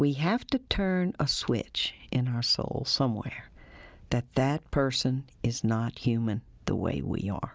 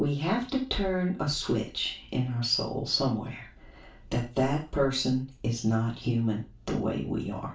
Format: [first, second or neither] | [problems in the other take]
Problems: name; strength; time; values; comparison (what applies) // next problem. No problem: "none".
first | room echo; dies away in 0.3 s